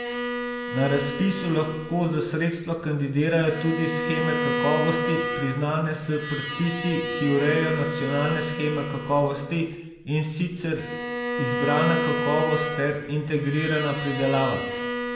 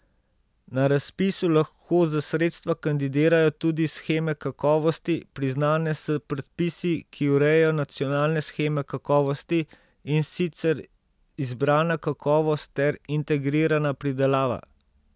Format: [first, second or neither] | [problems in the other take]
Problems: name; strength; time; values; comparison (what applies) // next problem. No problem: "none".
second | background sound (Bowed string instrument); 4 dB below the speech // room echo; dies away in 0.9 s